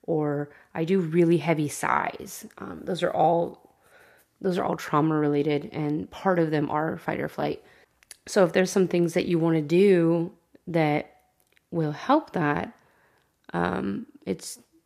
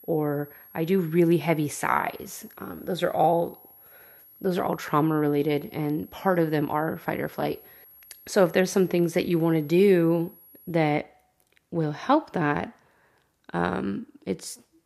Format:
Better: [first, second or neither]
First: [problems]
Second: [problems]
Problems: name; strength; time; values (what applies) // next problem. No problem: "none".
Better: first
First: none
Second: high-pitched whine; faint; until 11 s; 11.5 kHz, 25 dB below the speech